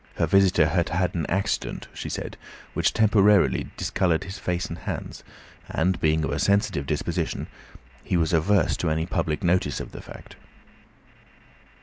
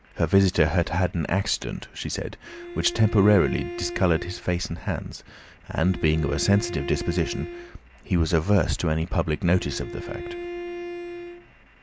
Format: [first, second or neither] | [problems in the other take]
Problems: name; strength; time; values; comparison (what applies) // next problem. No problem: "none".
first | background sound (Bowed string instrument); 11 dB below the speech